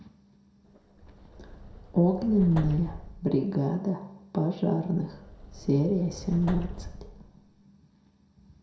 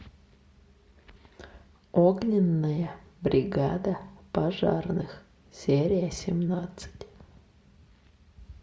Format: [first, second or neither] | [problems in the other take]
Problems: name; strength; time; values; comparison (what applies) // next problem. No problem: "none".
second | background sound (Subway, metro, underground); 12 dB below the speech // room echo; dies away in 0.5 s